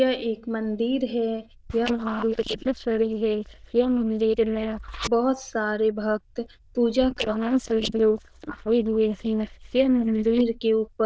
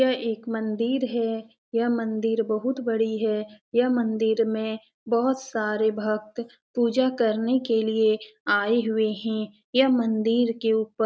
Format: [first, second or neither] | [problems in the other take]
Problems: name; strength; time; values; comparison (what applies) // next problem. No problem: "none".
second | noise reduction (neural diffusion model UNIVERSE++)